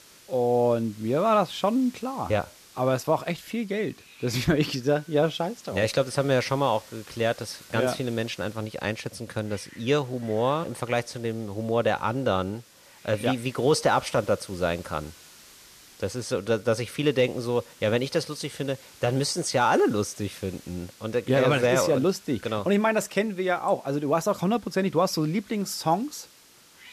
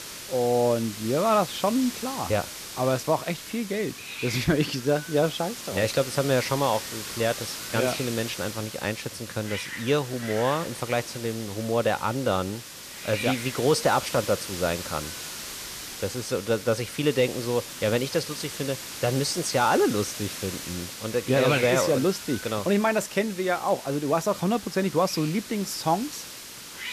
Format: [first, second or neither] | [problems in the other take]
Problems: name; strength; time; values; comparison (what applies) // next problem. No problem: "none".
first | hiss; loud; throughout; 9 dB below the speech; faint in the first